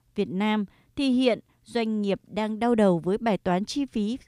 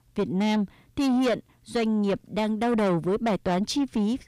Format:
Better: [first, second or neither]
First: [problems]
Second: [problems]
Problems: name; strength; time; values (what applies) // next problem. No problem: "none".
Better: first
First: none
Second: distortion; heavy; 7 dB below the speech